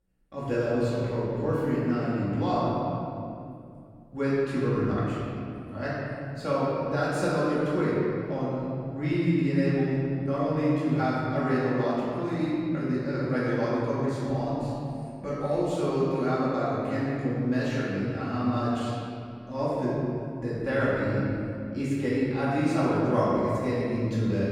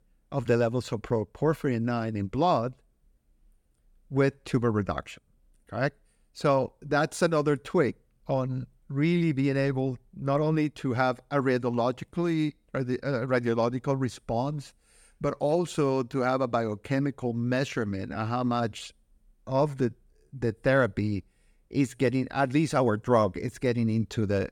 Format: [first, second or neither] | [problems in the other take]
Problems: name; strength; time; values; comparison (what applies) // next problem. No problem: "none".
second | room echo; strong; dies away in 2.5 s // off-mic speech; far